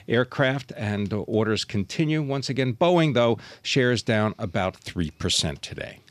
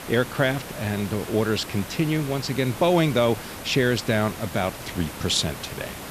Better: first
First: none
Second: hiss; noticeable; throughout; 10 dB below the speech

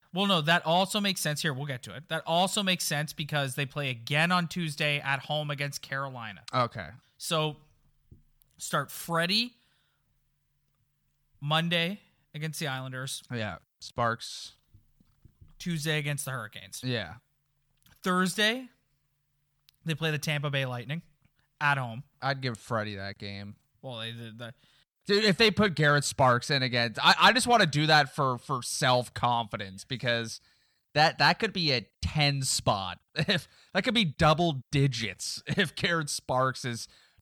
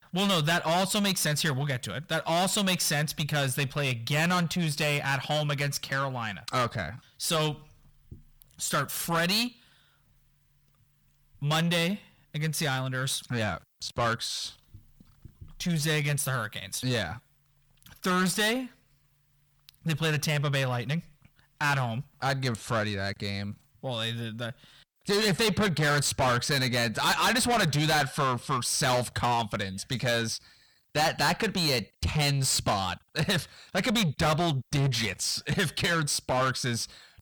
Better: first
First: none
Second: distortion; heavy; 6 dB below the speech

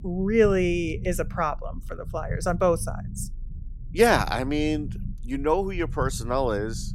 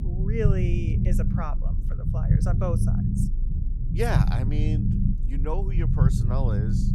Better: first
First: low rumble; faint; throughout; 25 dB below the speech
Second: low rumble; loud; throughout; 3 dB below the speech

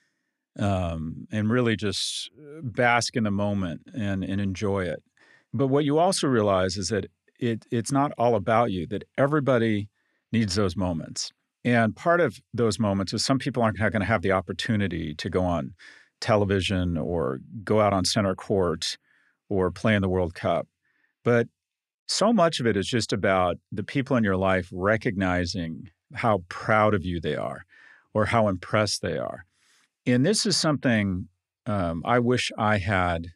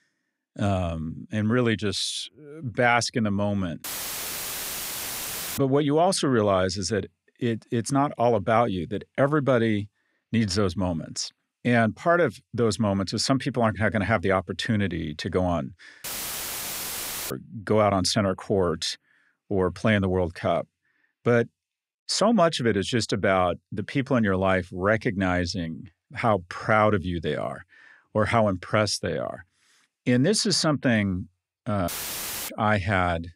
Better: first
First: none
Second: audio cutting out; filled with static; at 4 s for 1.5 s, at 16 s for 1.5 s and at 32 s for 0.5 s

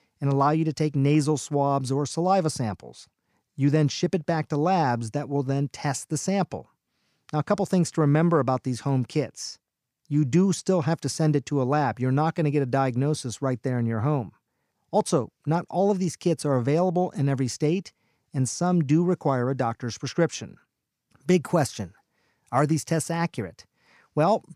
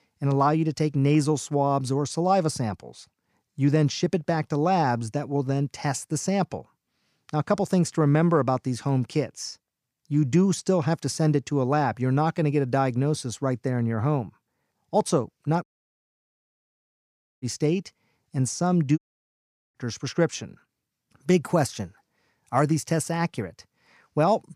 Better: first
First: none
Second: audio cutting out; at 16 s for 2 s and at 19 s for 1 s

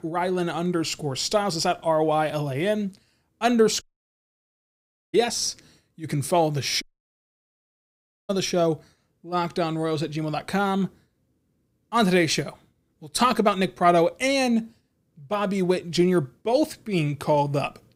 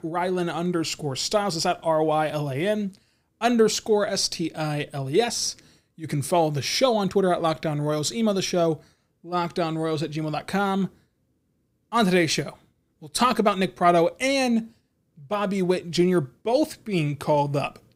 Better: second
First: audio cutting out; at 4 s for 1.5 s and at 7 s for 1.5 s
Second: none

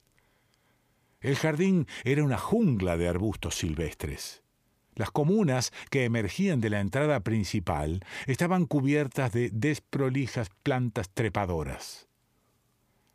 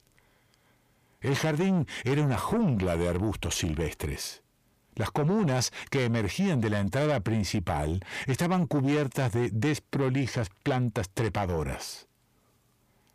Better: first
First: none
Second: distortion; slight; 10 dB below the speech

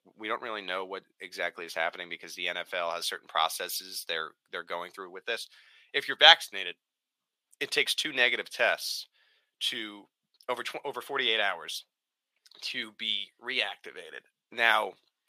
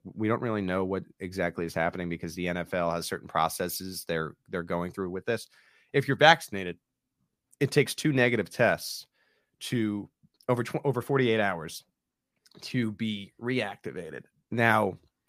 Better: second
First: thin; very; fading below 650 Hz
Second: none

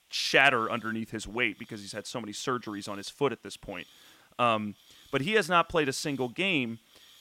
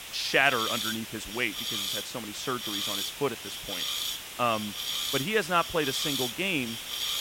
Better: first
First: hiss; faint; throughout; 30 dB below the speech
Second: hiss; loud; throughout; 2 dB below the speech

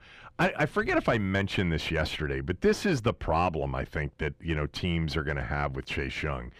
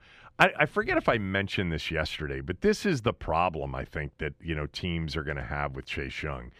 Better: second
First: distortion; heavy; 7 dB below the speech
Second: none

